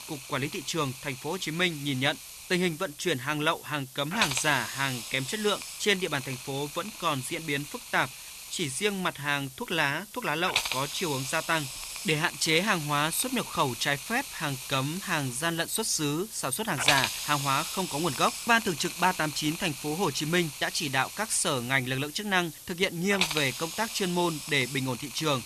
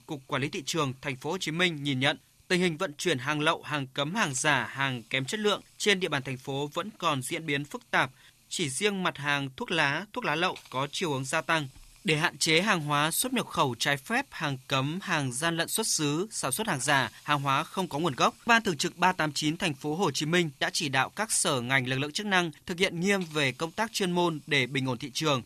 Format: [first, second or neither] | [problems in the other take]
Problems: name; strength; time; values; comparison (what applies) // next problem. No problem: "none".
second | hiss; loud; throughout; 7 dB below the speech; faint in the second